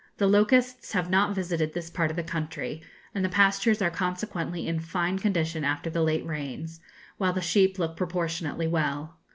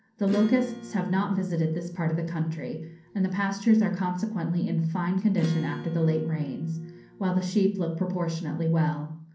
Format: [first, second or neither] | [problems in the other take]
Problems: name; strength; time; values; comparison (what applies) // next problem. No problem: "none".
first | background sound (Acoustic guitar / Strum); 16 dB below the speech // room echo; dies away in 0.6 s